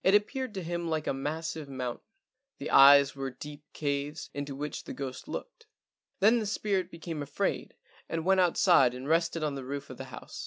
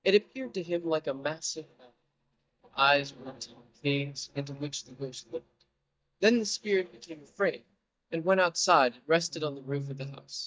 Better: first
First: none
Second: noise reduction (neural mask model DeepFilterNet 3)

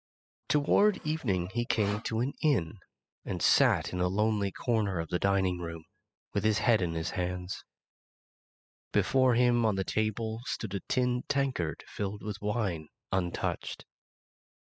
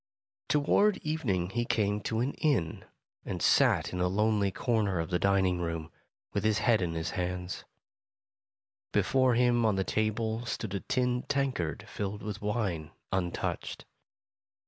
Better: second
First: noise reduction (classical method spectral subtraction)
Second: none

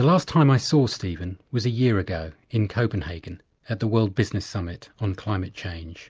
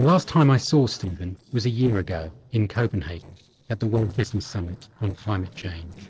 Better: first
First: none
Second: noise reduction (neural separator model SepFormer DNS4)

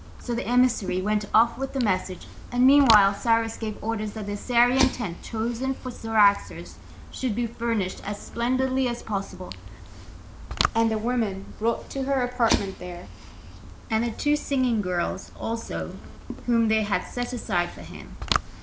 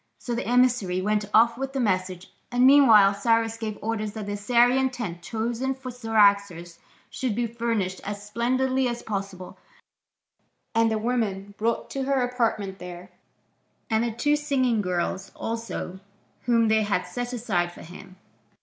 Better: second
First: background sound (Fire); 9 dB below the speech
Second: none

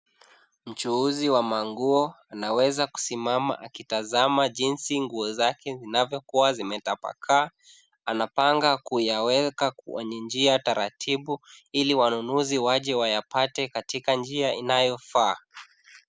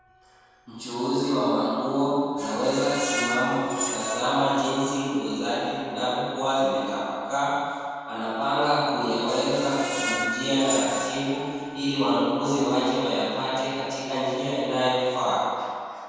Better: first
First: none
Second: background sound (Screech); 11 dB below the speech // room echo; dies away in 2.1 s

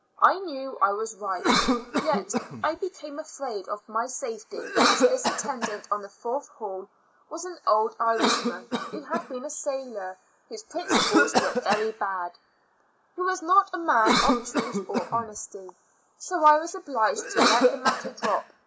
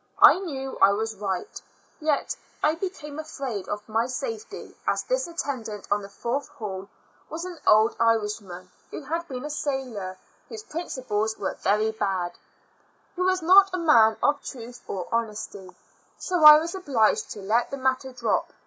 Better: second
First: background sound (Cough); 1 dB below the speech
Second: none

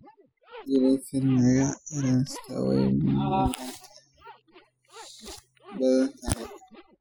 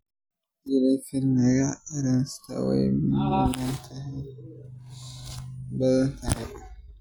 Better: second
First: noise reduction (classical method spectral subtraction)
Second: none

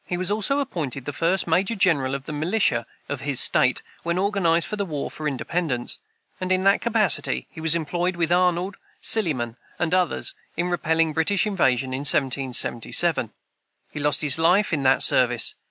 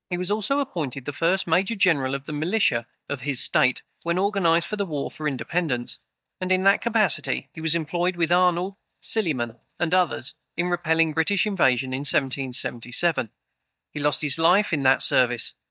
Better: first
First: none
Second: noise reduction (neural mask model DeepFilterNet 3)

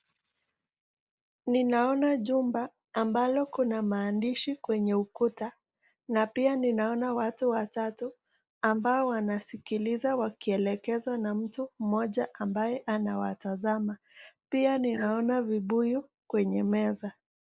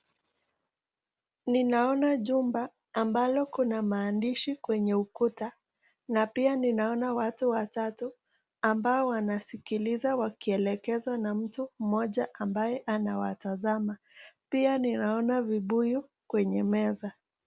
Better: second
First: noise reduction (neural mask model Resemble Enhance denoiser)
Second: none

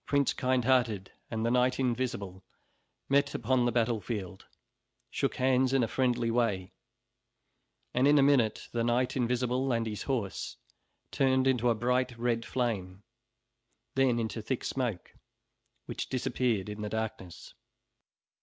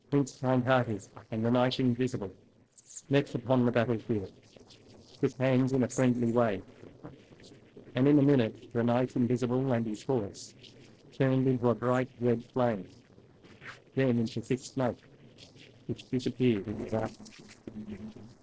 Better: first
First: none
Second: noise reduction (neural separator model SepFormer DNS4)

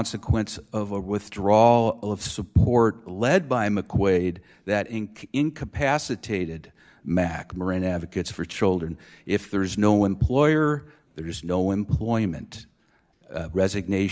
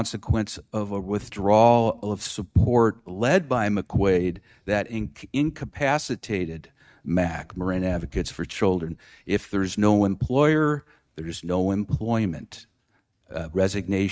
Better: first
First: none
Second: noise reduction (neural mask model RNNoise)

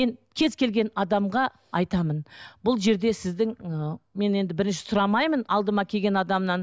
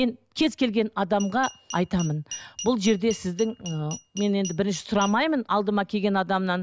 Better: first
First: none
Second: background sound (Glass); 16 dB below the speech

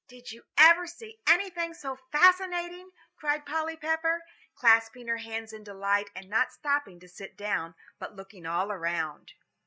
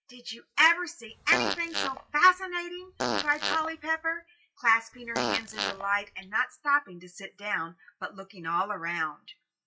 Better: first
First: none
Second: noise reduction (classical method WPE with log-MMSE)

